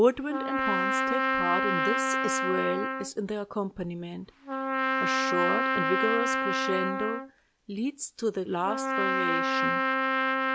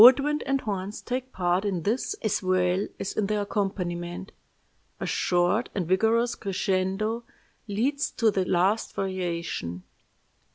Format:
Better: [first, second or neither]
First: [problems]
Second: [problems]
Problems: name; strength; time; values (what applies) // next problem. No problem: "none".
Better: second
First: background sound (Trumpet); 3 dB above the speech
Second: none